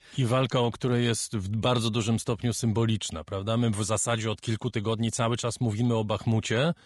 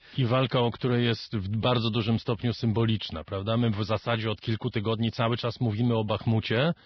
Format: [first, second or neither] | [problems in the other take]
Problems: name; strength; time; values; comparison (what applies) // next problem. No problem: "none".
first | garbled, watery; badly; nothing above 5.5 kHz; slightly in the first